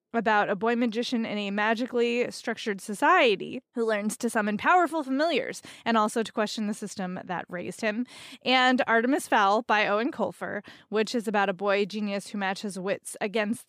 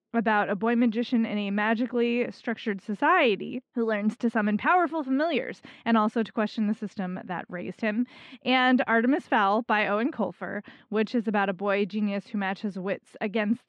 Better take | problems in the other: first | muffled; slightly; fading above 2.5 kHz

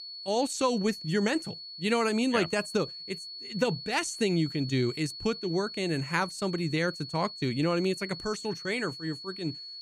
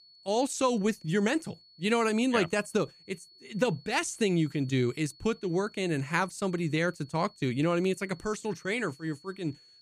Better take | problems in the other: second | high-pitched whine; loud; throughout; 4.5 kHz, 10 dB below the speech; faint in the second

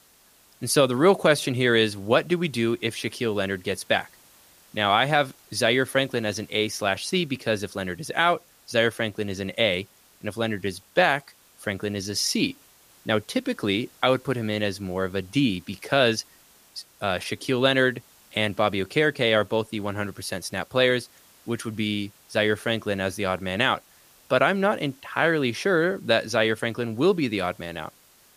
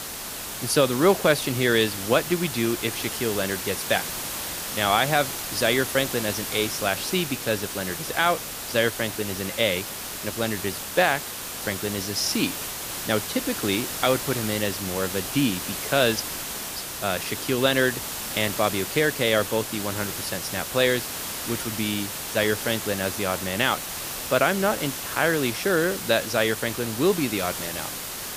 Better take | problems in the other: first | hiss; loud; throughout; 5 dB below the speech; faint in the first

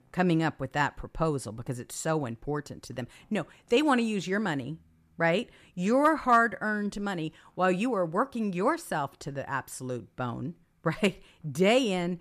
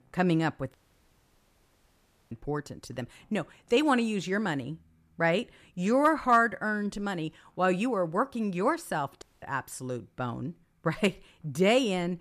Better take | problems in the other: first | audio cutting out; at 0.5 s for 1.5 s and at 9 s

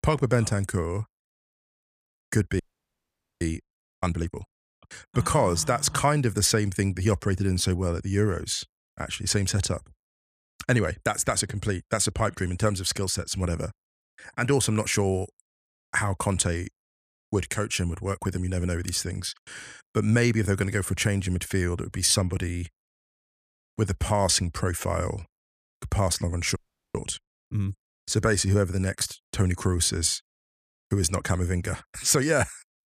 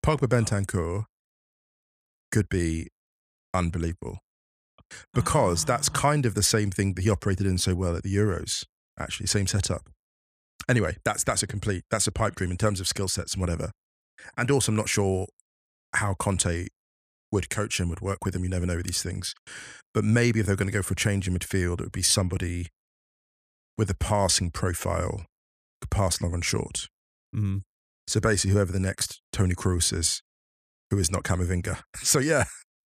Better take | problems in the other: second | audio freezing; at 2.5 s for 1 s and at 27 s

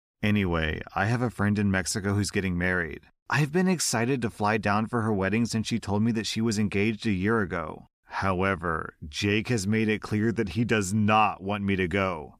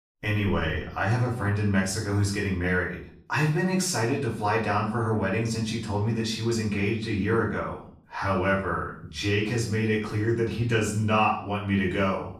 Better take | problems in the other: first | room echo; slight; dies away in 0.5 s // off-mic speech; far

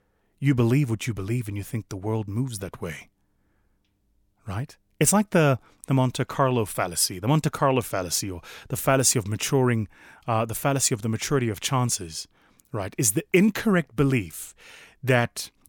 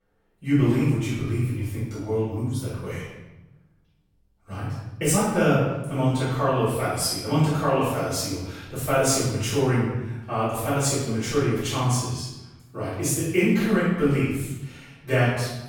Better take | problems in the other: first | off-mic speech; far // room echo; strong; dies away in 1 s

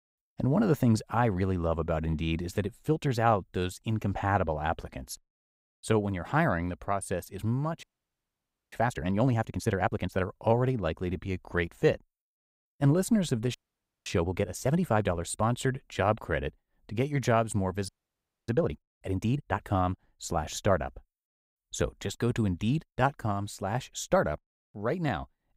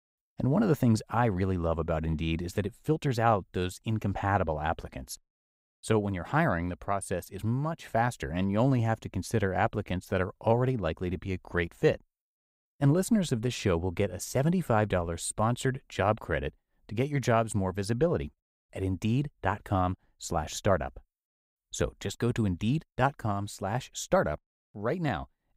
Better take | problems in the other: second | audio freezing; at 8 s for 1 s, at 14 s for 0.5 s and at 18 s for 0.5 s

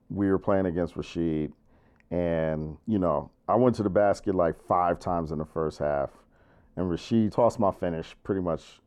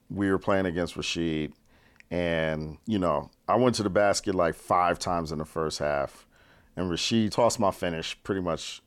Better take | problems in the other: second | muffled; very; fading above 1.5 kHz

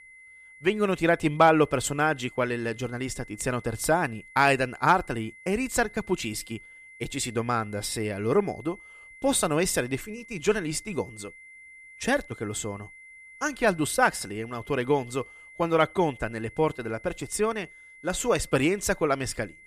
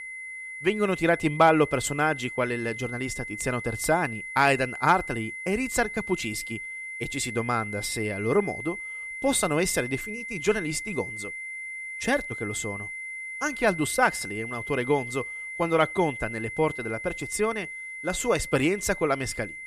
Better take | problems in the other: first | high-pitched whine; loud; throughout; 2 kHz, 8 dB below the speech; faint in the first

